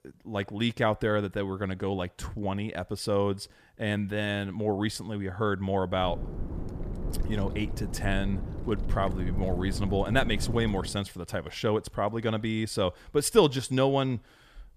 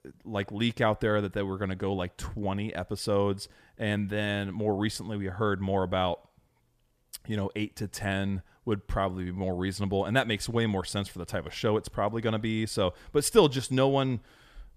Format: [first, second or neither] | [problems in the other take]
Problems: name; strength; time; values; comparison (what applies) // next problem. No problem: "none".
second | wind noise on the microphone; occasional gusts; from 6 to 11 s; 15 dB below the speech